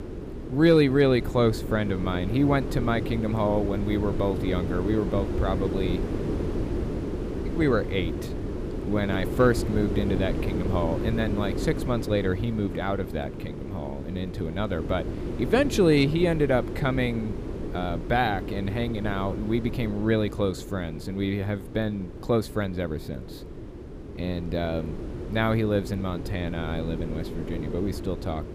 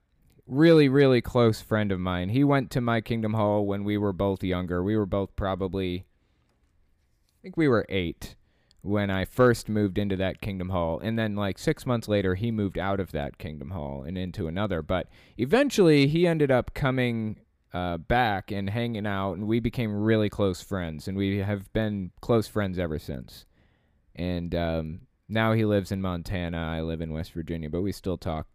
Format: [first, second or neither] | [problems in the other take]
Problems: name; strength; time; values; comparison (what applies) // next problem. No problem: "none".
second | wind noise on the microphone; heavy; 9 dB below the speech